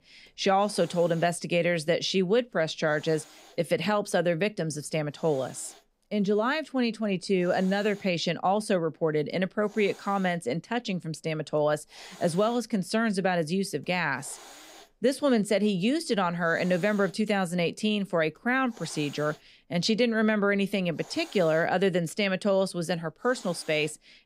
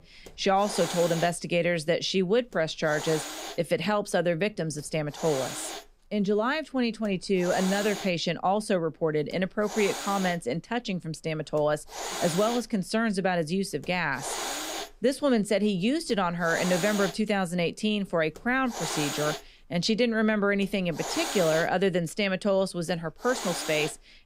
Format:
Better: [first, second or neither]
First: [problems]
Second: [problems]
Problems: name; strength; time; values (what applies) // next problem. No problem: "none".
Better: first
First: hiss; faint; throughout; 25 dB below the speech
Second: hiss; loud; throughout; 8 dB below the speech